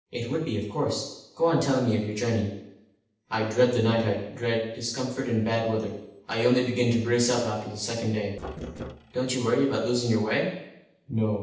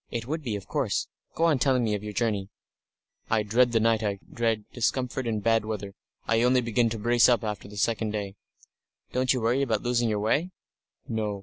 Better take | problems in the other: second | noise reduction (neural separator model SepFormer DNS4)

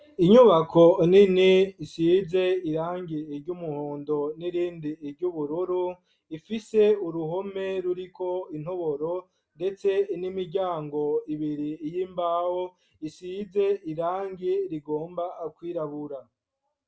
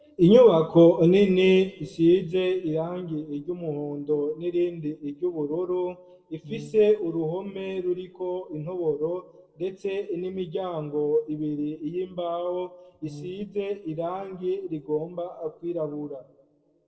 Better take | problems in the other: first | noise reduction (neural separator model SepFormer DNS4)

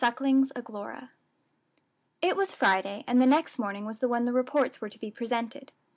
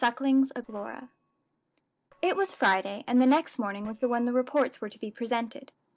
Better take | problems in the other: first | noise reduction (neural separator model SepFormer DNS4)

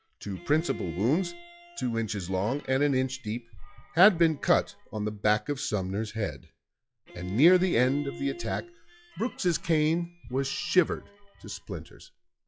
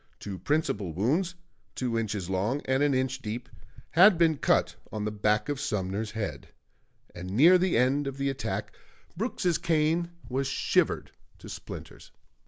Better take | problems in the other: second | noise reduction (classical method log-MMSE)

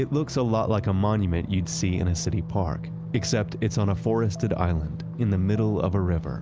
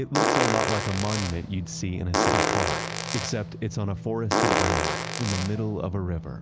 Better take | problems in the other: first | background sound (Fart); 2 dB above the speech

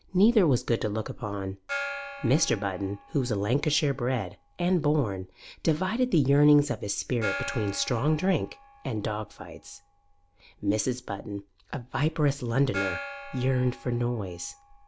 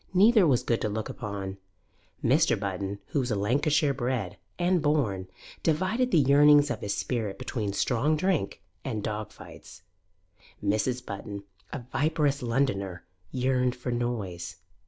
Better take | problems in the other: second | background sound (Gong); 15 dB below the speech

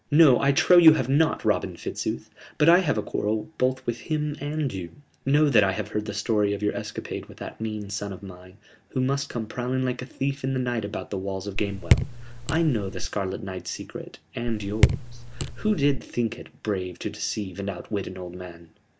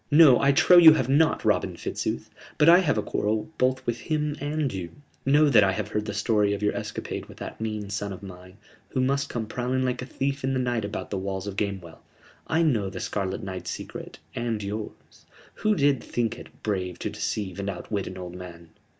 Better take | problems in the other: second | background sound (Raindrop / Drip); as loud as the speech

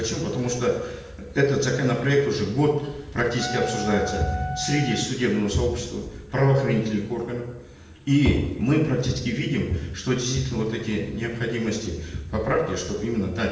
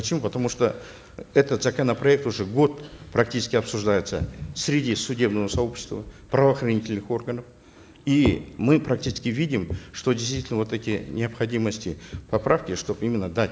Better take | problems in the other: second | background sound (Wind instrument, woodwind instrument); 10 dB below the speech // room echo; dies away in 0.8 s

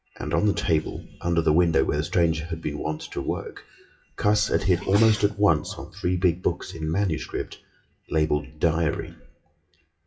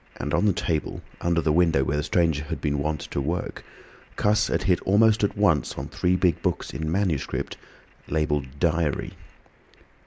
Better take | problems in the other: second | noise reduction (classical method WPE with log-MMSE)

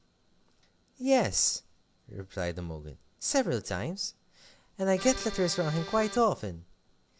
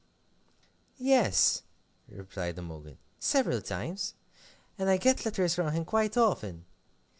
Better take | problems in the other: second | background sound (Accordion); 9 dB below the speech

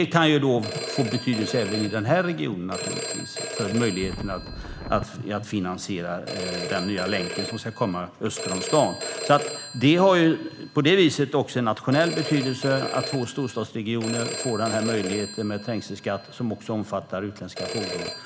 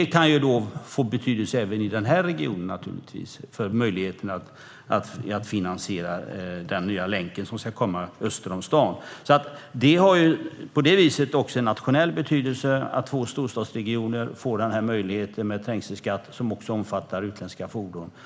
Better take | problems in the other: second | background sound (Wind + Telephone); 9 dB below the speech

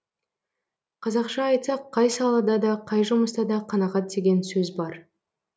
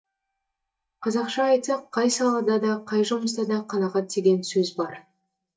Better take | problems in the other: first | noise reduction (neural mask model DeepFilterNet 3)

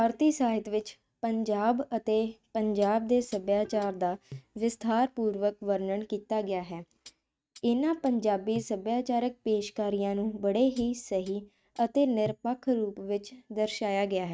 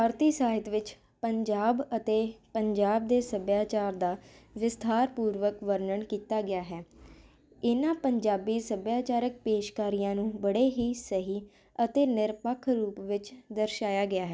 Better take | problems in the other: second | noise reduction (neural mask model RNNoise)

